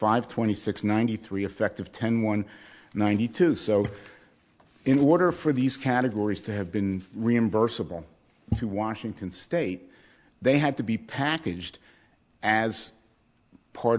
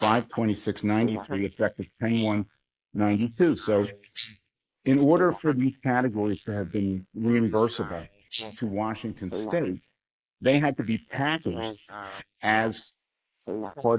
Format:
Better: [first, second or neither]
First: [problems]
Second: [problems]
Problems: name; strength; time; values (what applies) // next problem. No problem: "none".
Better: first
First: none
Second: noise reduction (neural mask model Resemble Enhance denoiser)